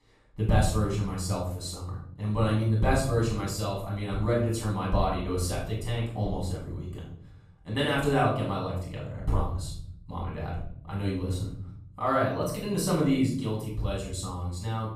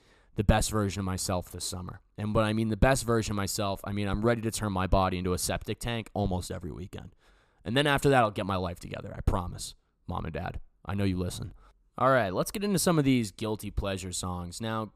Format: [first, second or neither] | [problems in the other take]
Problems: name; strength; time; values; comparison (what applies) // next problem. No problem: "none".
second | off-mic speech; far // room echo; noticeable; dies away in 0.9 s